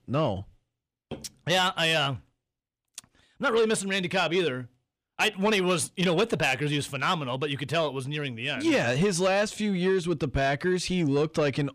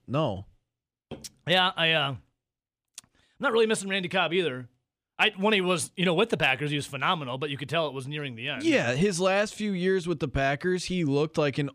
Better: second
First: distortion; slight; 10 dB below the speech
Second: none

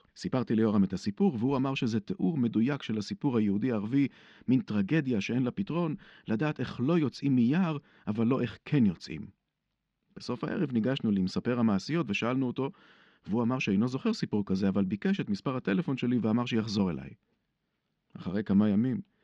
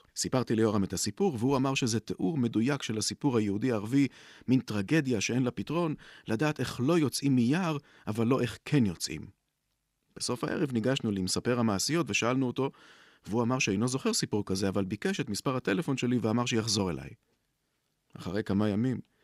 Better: second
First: muffled; slightly; fading above 4 kHz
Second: none

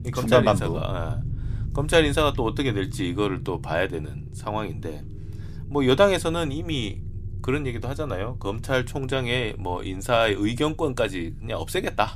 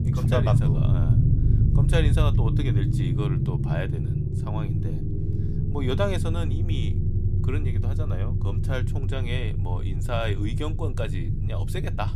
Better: first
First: low rumble; faint; throughout; 20 dB below the speech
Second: low rumble; loud; throughout; 4 dB below the speech

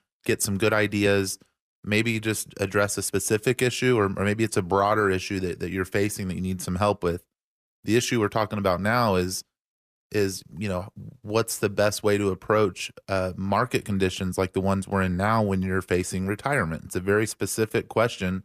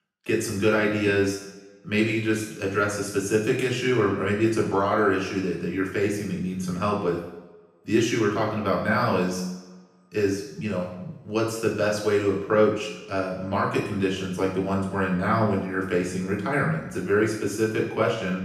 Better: first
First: none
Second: room echo; noticeable; dies away in 0.9 s // off-mic speech; far

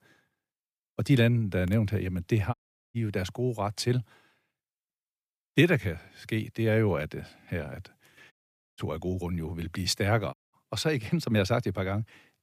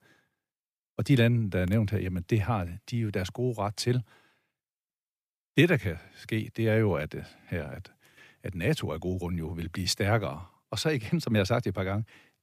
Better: second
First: audio cutting out; at 2.5 s, at 8.5 s and at 10 s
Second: none

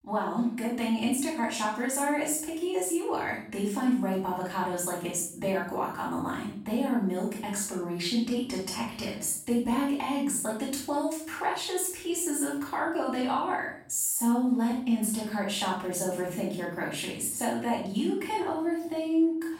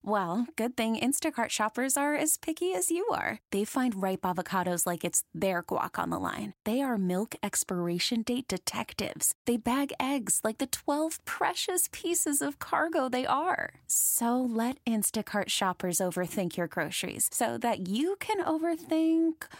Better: second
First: off-mic speech; far // room echo; noticeable; dies away in 0.5 s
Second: none

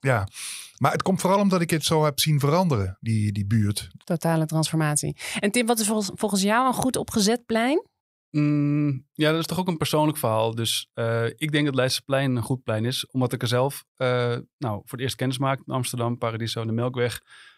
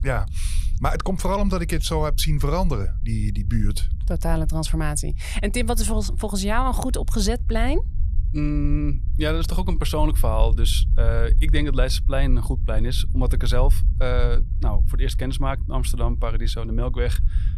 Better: first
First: none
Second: low rumble; noticeable; throughout; 20 dB below the speech

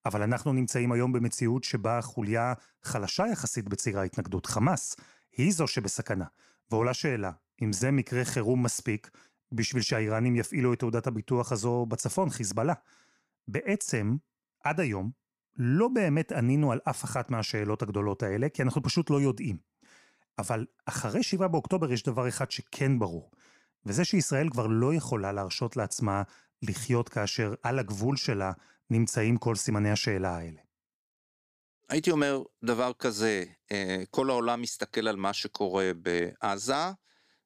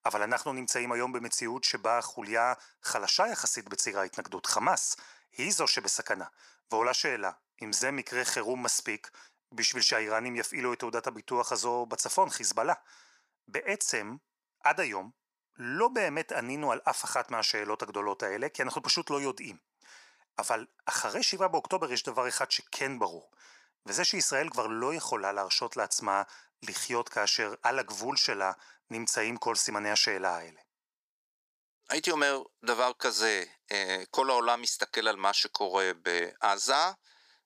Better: first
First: none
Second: thin; very; fading below 550 Hz

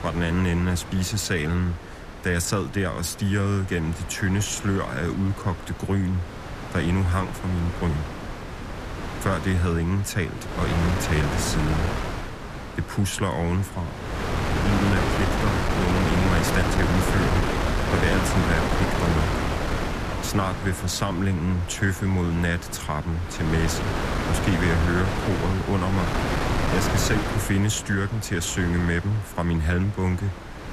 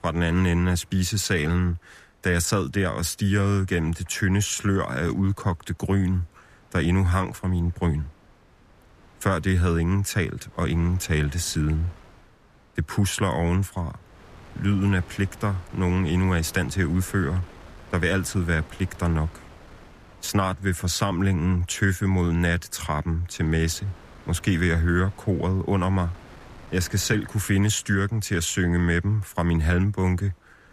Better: second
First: wind noise on the microphone; heavy; as loud as the speech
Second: wind noise on the microphone; occasional gusts; 20 dB below the speech

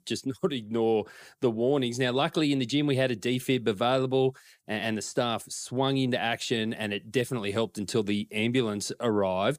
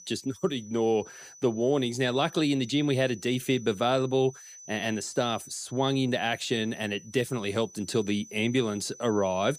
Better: first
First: none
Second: high-pitched whine; noticeable; throughout; 6 kHz, 20 dB below the speech

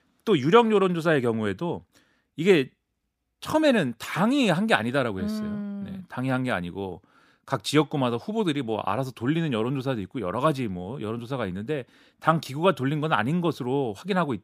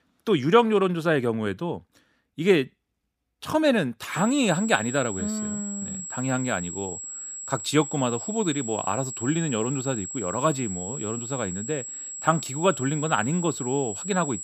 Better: first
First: none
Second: high-pitched whine; loud; from 4 s on; 7.5 kHz, 7 dB below the speech

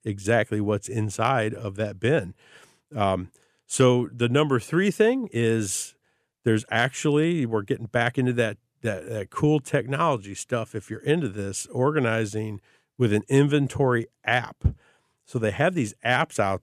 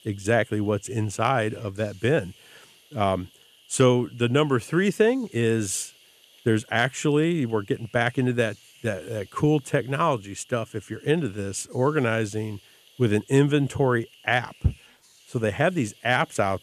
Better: first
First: none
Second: hiss; faint; throughout; 25 dB below the speech

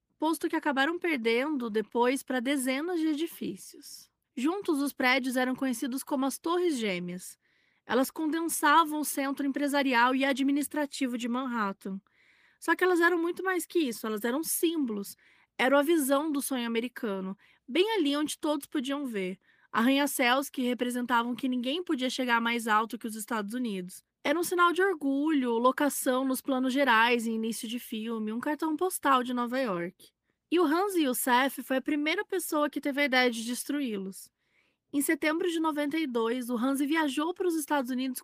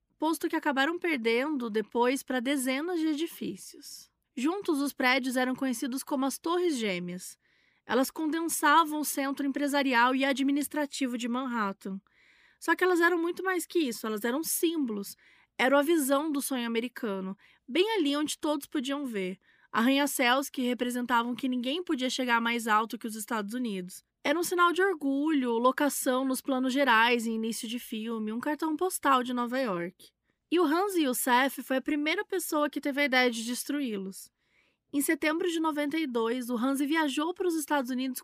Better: second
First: garbled, watery; slightly; nothing above 15 kHz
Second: none

